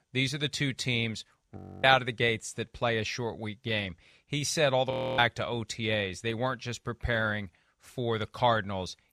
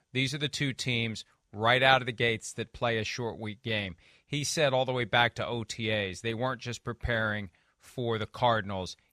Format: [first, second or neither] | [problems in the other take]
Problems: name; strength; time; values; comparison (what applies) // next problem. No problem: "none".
second | audio freezing; at 1.5 s and at 5 s